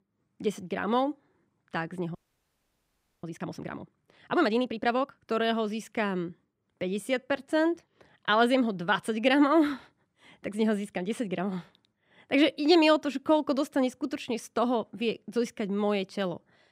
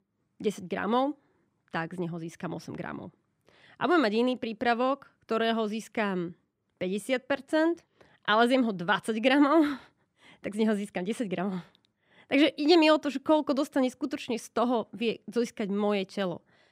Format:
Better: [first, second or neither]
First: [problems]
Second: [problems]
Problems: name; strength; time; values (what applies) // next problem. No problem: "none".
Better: second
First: audio freezing; at 2 s for 1 s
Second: none